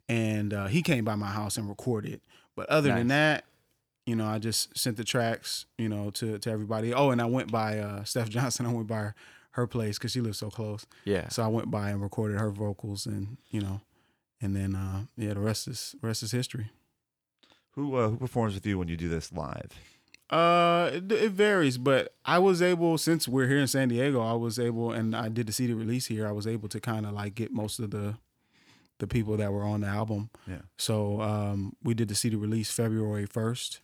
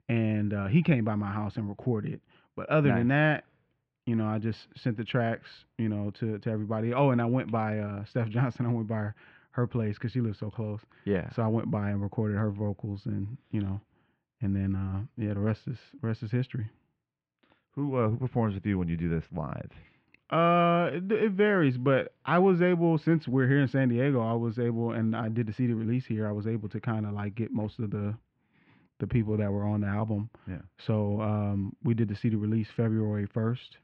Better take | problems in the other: first | muffled; very; fading above 2.5 kHz

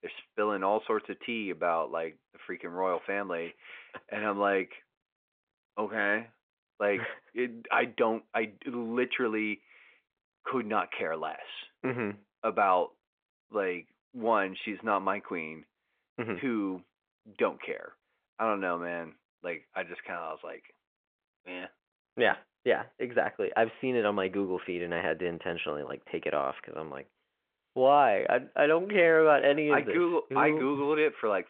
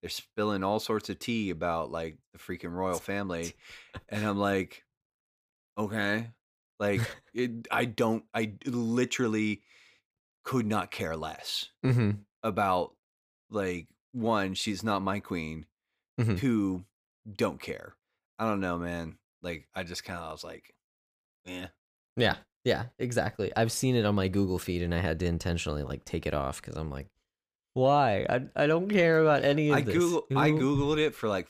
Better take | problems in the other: second | phone-call audio

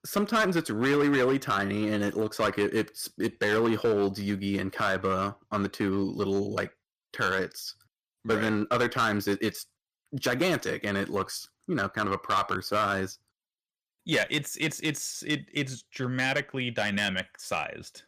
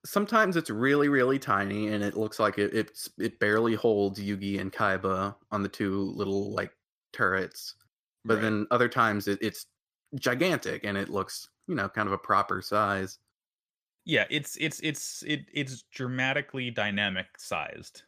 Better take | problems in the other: second | distortion; slight; 5% of the sound clipped

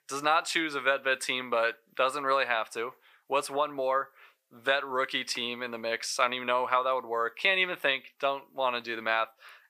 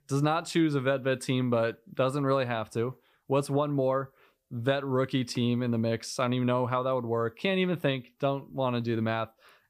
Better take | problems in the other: second | thin; very; fading below 700 Hz

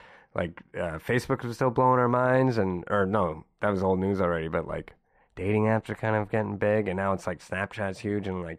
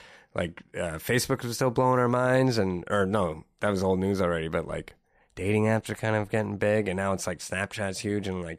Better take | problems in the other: second | muffled; slightly; fading above 3.5 kHz

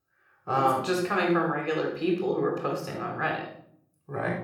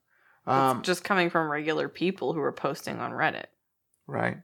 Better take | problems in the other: second | off-mic speech; somewhat distant // room echo; noticeable; dies away in 0.6 s

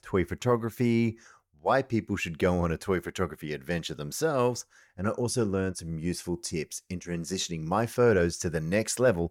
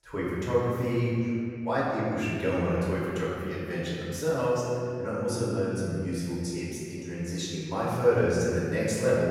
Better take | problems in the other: first | room echo; strong; dies away in 2.3 s // off-mic speech; far

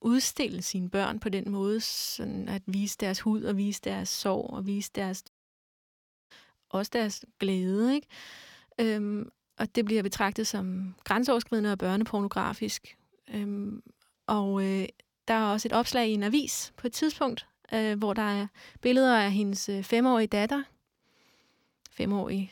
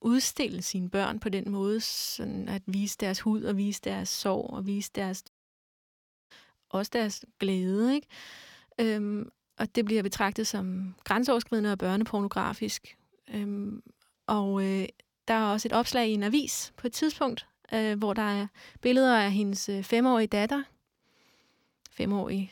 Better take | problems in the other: neither | audio cutting out; at 5.5 s for 1 s; the same in both

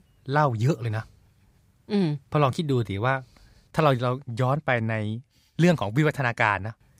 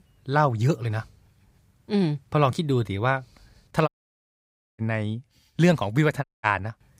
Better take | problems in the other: first | audio cutting out; at 4 s for 1 s and at 6 s

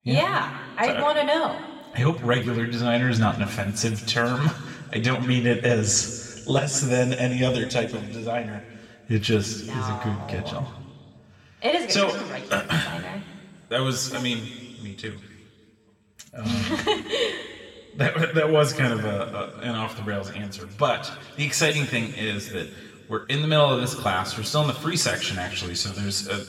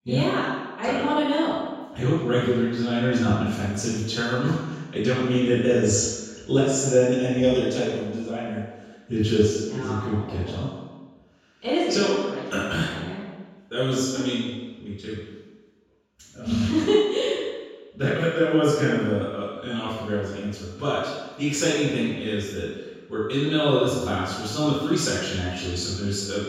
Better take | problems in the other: first | room echo; strong; dies away in 1.2 s; slight in the first // off-mic speech; far; somewhat distant in the first

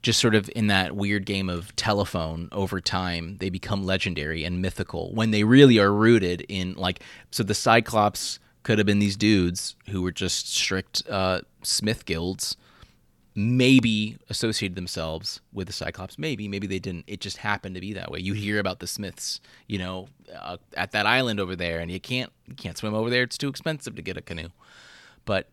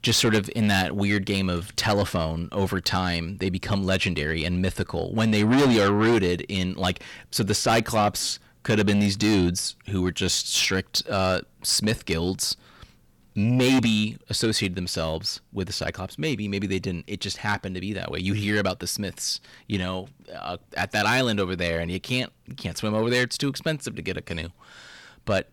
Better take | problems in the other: first | distortion; heavy; 7 dB below the speech

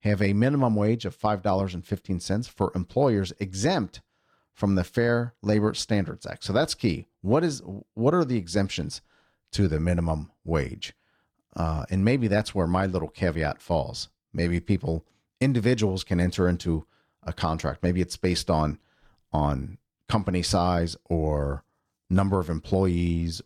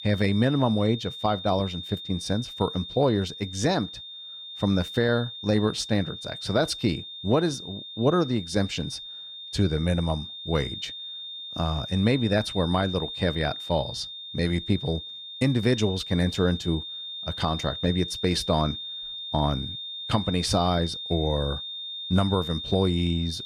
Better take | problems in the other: first | high-pitched whine; loud; throughout; 3.5 kHz, 8 dB below the speech

